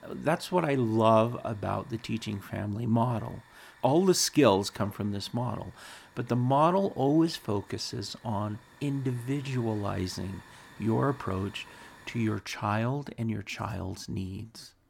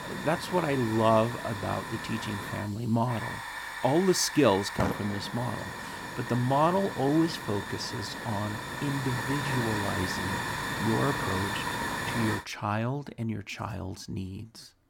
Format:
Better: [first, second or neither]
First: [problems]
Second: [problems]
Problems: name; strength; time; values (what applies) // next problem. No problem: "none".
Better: first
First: hiss; faint; until 12 s; 25 dB below the speech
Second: hiss; loud; until 12 s; 5 dB below the speech